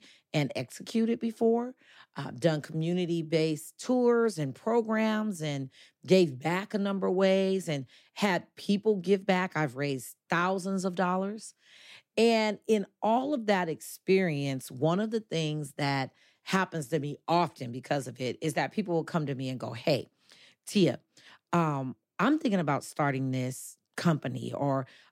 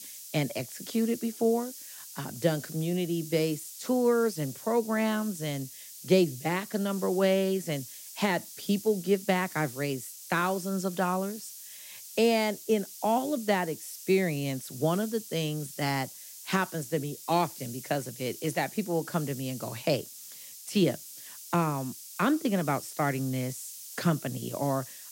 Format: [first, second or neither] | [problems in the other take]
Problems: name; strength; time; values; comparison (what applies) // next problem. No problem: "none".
first | hiss; noticeable; throughout; 15 dB below the speech